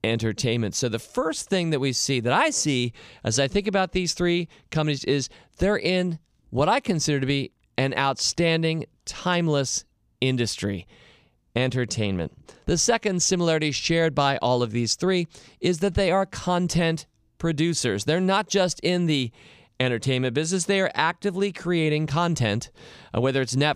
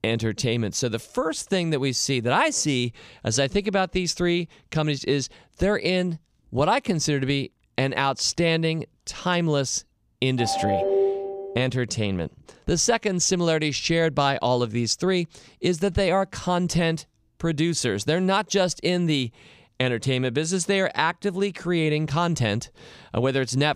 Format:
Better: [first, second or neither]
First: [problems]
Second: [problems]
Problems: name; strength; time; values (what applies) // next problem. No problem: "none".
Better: first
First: none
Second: phone ringing; loud; from 10 to 12 s; peak 2 dB above the speech